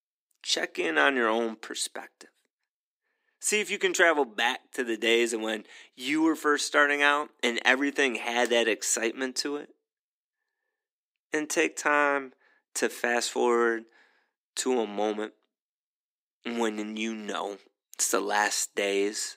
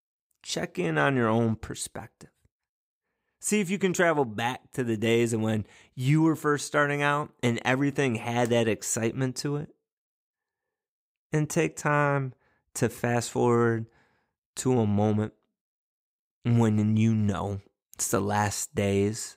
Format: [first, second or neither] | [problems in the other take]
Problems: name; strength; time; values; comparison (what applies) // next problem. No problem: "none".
second | thin; somewhat; fading below 250 Hz